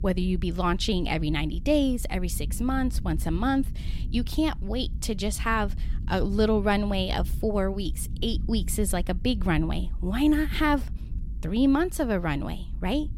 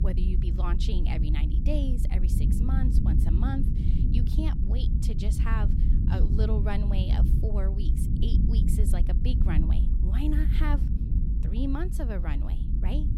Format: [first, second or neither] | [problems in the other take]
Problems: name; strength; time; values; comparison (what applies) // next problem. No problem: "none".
first | low rumble; loud; throughout; 3 dB below the speech; faint in the first